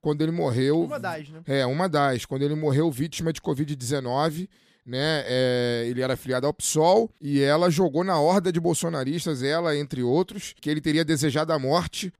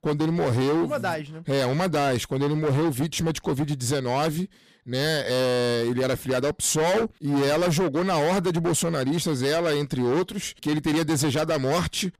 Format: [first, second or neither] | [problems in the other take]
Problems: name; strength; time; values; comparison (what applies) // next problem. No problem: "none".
first | distortion; heavy; 23% of the sound clipped